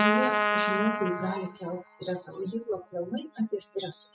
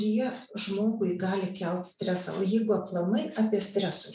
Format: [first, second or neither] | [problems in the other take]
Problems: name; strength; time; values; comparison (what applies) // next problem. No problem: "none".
second | noise reduction (classical method spectral subtraction)